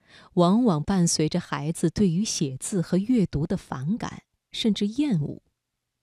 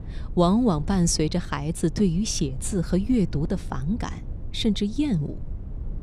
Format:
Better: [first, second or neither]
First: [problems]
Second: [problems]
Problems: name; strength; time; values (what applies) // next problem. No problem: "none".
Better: first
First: none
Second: low rumble; faint; throughout; 20 dB below the speech